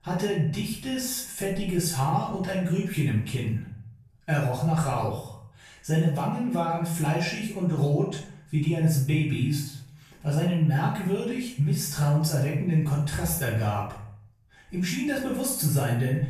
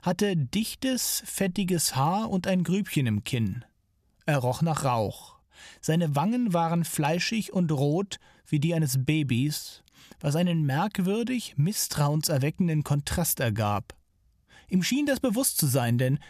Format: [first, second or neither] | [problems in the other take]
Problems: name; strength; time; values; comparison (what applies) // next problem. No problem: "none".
second | off-mic speech; far // room echo; noticeable; dies away in 0.5 s